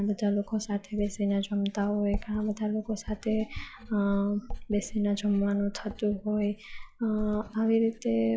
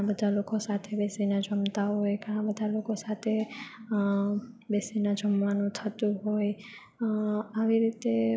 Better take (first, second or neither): second